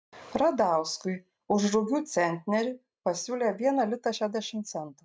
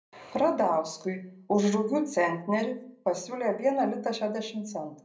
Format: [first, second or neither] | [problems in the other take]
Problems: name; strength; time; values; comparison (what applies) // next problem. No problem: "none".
first | room echo; dies away in 0.5 s